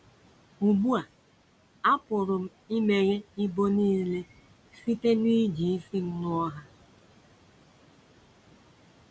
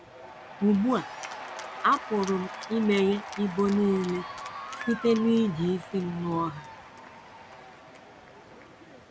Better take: first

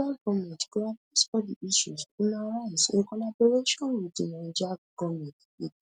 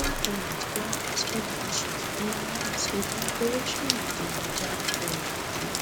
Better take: first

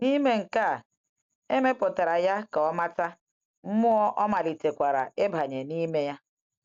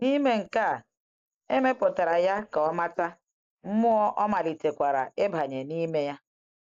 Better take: first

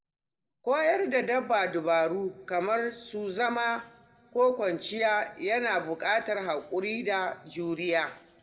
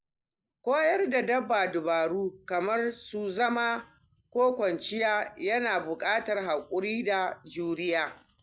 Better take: second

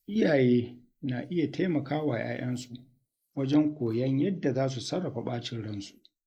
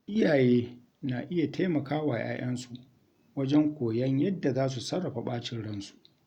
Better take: second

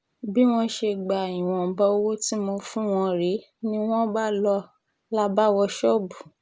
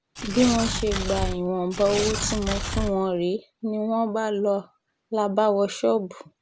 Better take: first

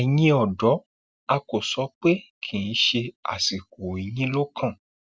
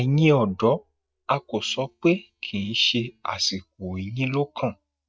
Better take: first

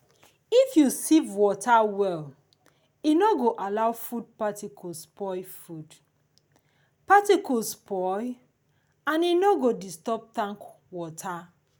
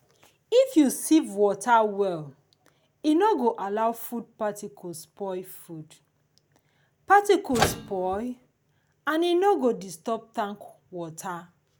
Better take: first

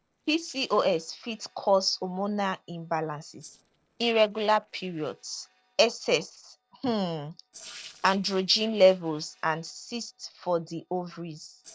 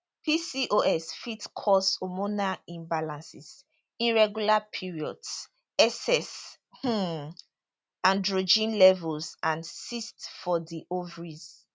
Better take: second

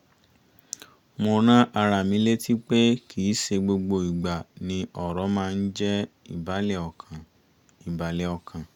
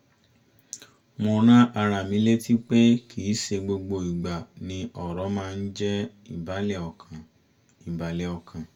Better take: first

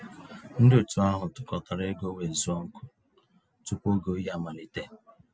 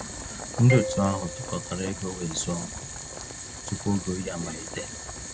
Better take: first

